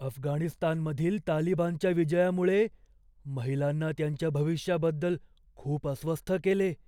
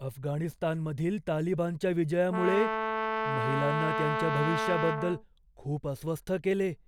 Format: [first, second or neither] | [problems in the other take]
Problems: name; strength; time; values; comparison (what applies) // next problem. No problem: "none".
first | background sound (Brass instrument); 1 dB below the speech